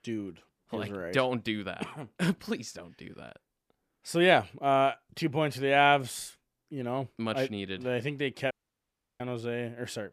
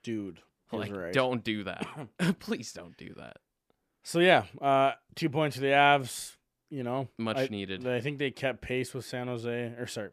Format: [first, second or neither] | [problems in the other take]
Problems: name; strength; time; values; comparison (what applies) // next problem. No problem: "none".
second | audio cutting out; at 8.5 s for 0.5 s